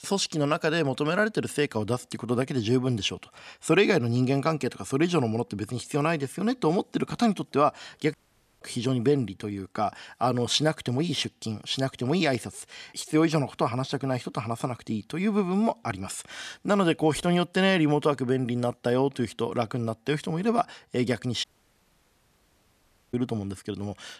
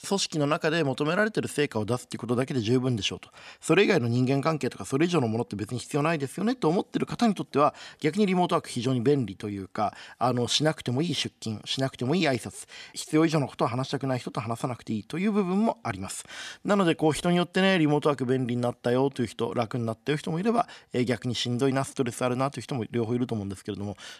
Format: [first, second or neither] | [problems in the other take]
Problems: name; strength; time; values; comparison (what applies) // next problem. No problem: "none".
second | audio cutting out; at 8 s and at 21 s for 1.5 s